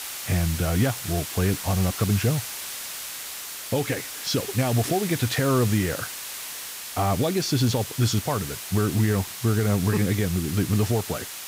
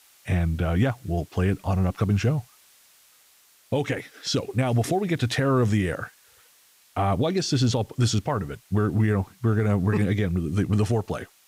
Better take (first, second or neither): second